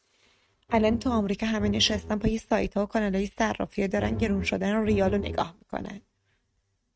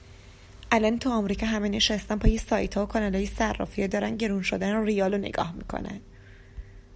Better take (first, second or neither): second